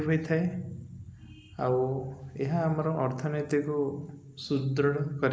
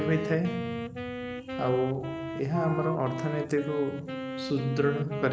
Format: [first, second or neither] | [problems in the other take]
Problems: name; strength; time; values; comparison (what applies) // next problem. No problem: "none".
first | background sound (Wind instrument, woodwind instrument); 6 dB below the speech